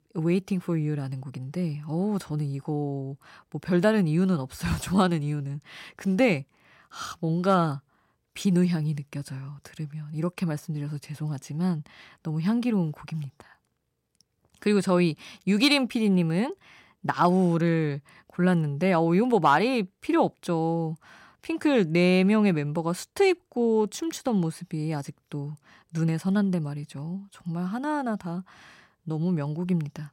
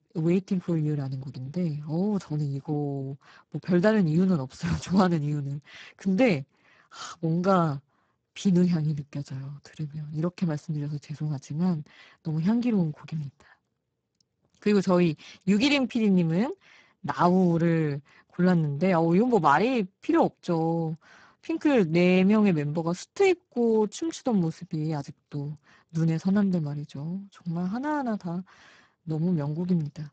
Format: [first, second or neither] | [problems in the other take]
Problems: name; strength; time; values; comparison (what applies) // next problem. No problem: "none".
first | garbled, watery; badly; nothing above 7.5 kHz